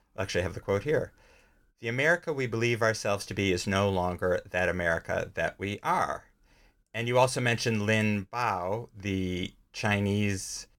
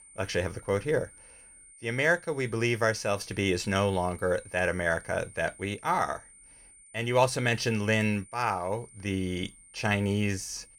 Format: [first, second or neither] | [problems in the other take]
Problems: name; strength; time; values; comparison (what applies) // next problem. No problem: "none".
first | high-pitched whine; faint; throughout; 9 kHz, 20 dB below the speech